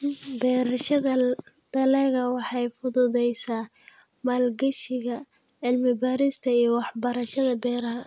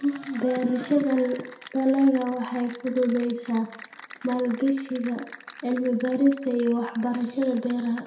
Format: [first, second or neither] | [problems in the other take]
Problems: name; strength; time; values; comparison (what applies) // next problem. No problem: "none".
first | background sound (Applause / Cheering); 19 dB below the speech // room echo; dies away in 0.6 s